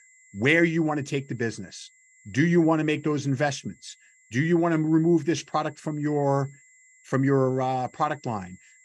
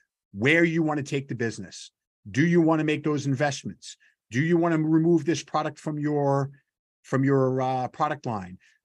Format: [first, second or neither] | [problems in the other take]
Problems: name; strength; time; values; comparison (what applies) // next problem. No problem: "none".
second | high-pitched whine; faint; throughout; 2 kHz, 30 dB below the speech